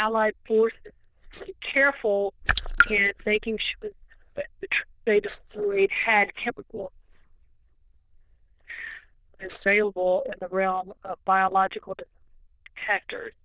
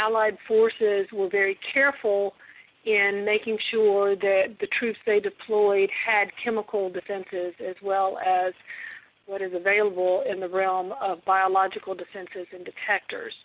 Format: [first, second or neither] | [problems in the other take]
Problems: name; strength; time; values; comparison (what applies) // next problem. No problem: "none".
second | noise reduction (neural diffusion model UNIVERSE++)